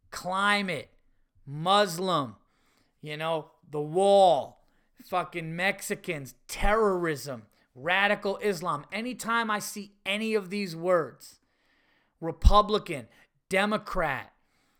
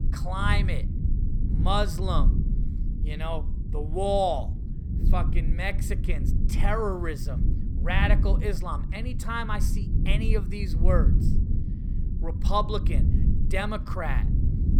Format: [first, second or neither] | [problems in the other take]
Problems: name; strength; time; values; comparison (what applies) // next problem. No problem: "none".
first | low rumble; noticeable; throughout; 10 dB below the speech